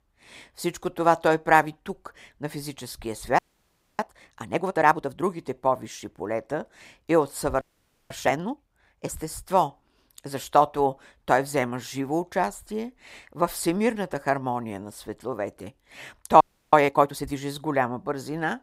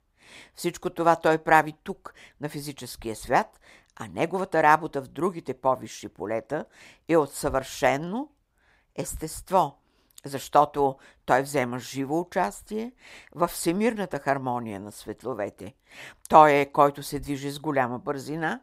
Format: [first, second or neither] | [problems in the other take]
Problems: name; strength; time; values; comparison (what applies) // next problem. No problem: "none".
second | audio freezing; at 3.5 s for 0.5 s, at 7.5 s and at 16 s